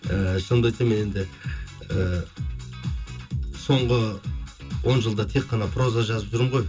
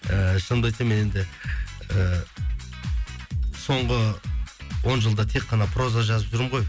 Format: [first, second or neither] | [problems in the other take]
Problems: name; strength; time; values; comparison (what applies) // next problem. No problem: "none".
second | room echo; dies away in 0.2 s